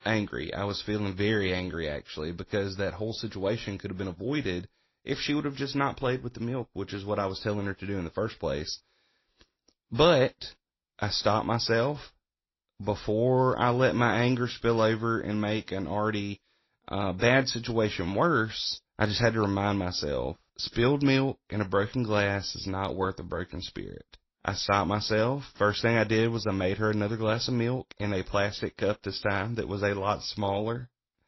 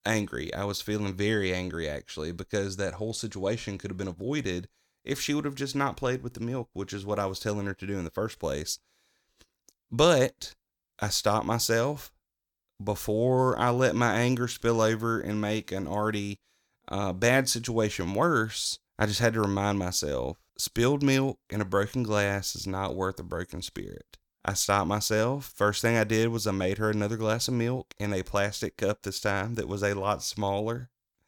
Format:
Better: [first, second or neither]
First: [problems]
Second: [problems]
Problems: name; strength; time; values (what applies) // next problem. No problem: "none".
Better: second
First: garbled, watery; slightly; nothing above 5.5 kHz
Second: none